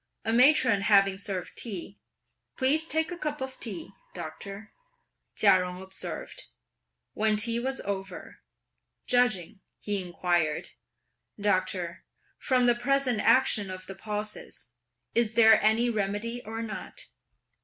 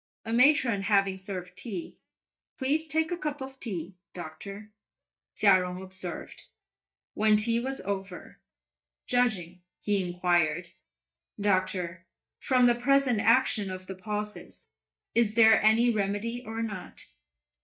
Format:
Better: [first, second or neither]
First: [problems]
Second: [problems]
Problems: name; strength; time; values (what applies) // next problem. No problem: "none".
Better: first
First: none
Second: noise reduction (neural mask model DeepFilterNet 3)